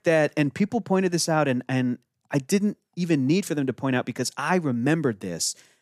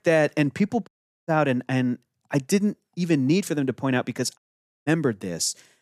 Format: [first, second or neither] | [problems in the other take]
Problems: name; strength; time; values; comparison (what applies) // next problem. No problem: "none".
first | audio cutting out; at 1 s and at 4.5 s